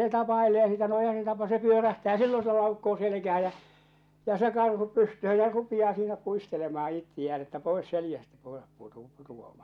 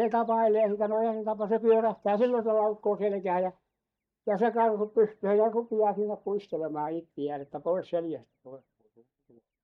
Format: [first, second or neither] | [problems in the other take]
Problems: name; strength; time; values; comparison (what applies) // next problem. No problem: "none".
first | noise reduction (neural mask model DeepFilterNet 3)